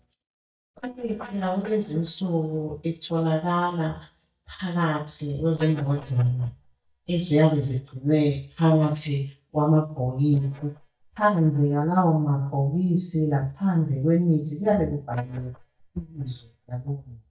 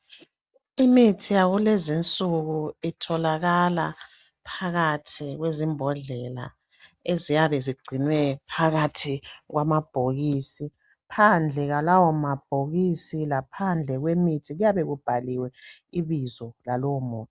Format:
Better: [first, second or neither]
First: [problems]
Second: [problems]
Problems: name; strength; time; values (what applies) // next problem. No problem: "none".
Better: second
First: noise reduction (neural mask model DeepFilterNet 3)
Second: none